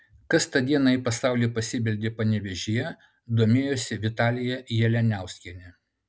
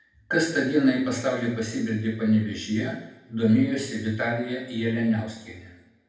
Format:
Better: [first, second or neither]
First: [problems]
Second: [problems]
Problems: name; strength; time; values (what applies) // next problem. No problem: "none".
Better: first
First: none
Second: room echo; dies away in 0.9 s